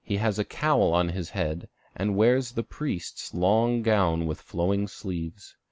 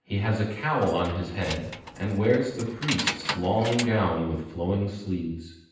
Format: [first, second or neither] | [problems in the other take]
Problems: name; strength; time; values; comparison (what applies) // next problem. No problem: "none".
first | background sound (Keys jangling); 9 dB below the speech // room echo; dies away in 0.9 s